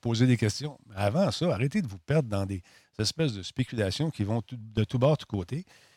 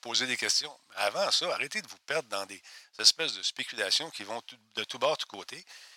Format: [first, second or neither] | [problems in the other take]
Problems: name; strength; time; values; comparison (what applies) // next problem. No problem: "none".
first | thin; very; fading below 950 Hz